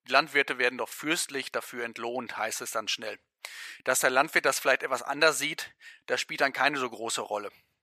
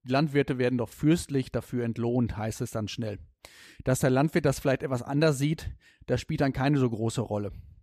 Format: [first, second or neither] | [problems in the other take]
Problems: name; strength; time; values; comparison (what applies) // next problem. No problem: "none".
second | thin; very; fading below 800 Hz